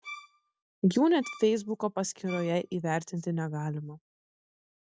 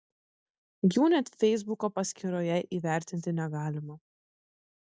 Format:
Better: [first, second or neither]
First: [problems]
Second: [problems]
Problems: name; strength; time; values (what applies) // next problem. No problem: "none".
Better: second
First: background sound (Bowed string instrument); 16 dB below the speech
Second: none